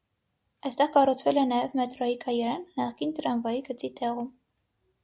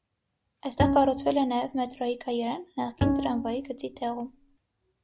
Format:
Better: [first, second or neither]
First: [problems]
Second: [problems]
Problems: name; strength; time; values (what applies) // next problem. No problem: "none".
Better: first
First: none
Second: background sound (Bowed string instrument); 2 dB below the speech